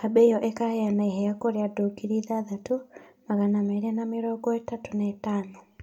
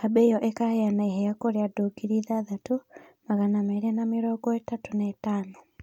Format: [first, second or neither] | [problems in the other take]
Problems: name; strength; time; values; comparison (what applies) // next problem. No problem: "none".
second | room echo; dies away in 0.3 s